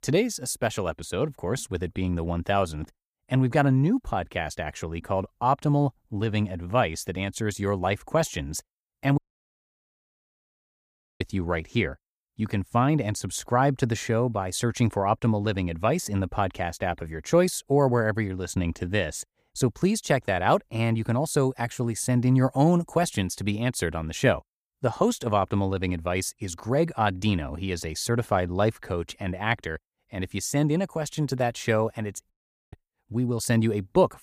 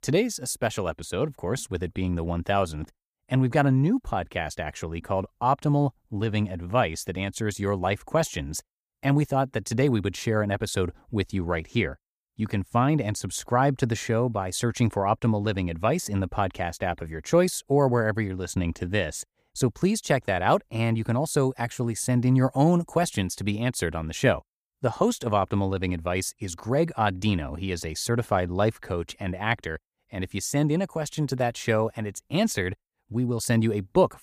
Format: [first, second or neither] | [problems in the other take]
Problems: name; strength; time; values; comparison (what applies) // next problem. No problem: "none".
second | audio cutting out; at 9 s for 2 s and at 32 s